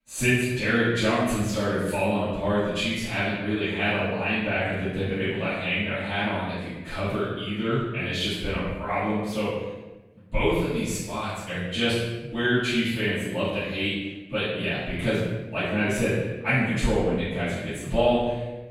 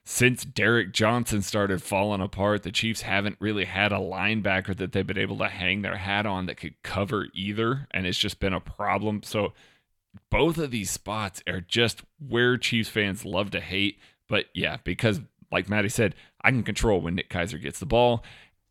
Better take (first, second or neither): second